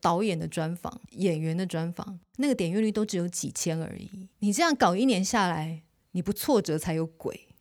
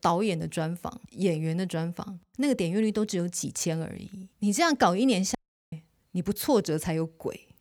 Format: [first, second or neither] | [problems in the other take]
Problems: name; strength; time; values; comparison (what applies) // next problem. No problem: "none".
first | audio cutting out; at 5.5 s